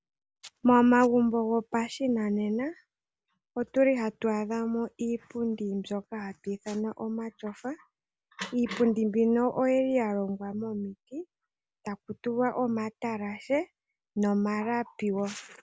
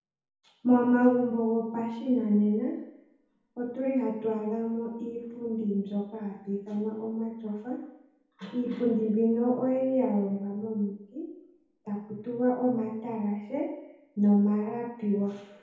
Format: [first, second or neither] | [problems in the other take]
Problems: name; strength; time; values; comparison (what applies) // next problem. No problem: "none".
first | room echo; dies away in 1.9 s